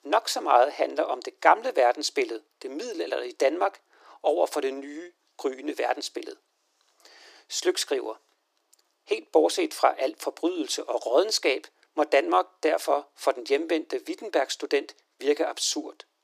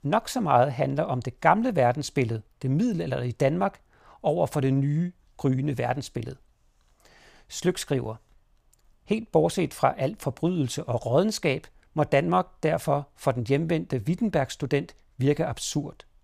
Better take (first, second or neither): second